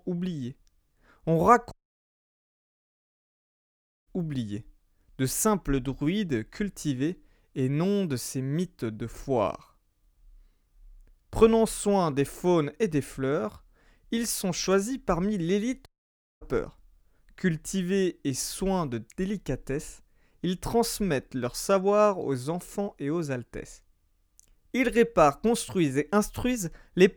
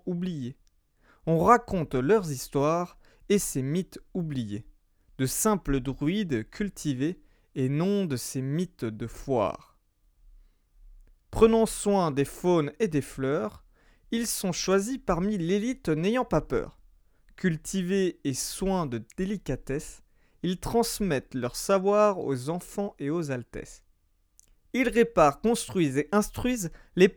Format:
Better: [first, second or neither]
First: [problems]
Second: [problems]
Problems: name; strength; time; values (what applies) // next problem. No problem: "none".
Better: second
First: audio cutting out; at 1.5 s for 2.5 s and at 16 s for 0.5 s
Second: none